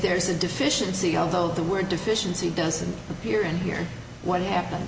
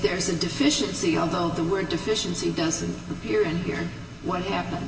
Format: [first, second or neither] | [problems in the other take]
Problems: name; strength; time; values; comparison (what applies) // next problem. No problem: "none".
first | room echo; dies away in 2.3 s